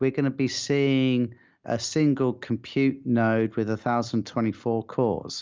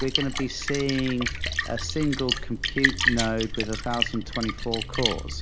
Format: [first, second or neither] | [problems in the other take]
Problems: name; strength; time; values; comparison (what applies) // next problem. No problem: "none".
first | background sound (Splash, splatter); as loud as the speech